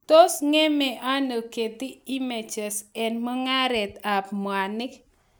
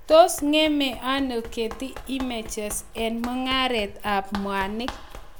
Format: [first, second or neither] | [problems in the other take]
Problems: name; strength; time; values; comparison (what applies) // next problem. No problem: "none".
first | background sound (Run); 13 dB below the speech